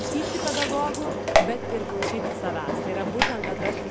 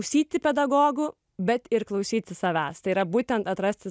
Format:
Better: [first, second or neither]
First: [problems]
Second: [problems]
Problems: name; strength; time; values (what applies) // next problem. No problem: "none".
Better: second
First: background sound (Engine); 5 dB above the speech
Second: none